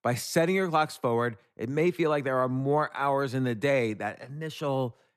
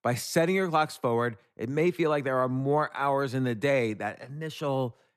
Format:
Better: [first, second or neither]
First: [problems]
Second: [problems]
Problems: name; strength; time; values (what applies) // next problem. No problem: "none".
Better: neither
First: none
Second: none